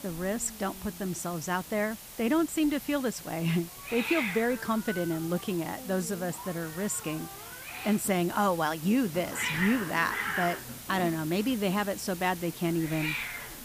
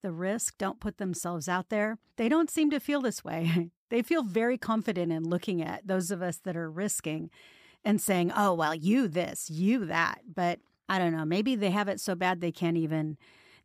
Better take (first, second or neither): second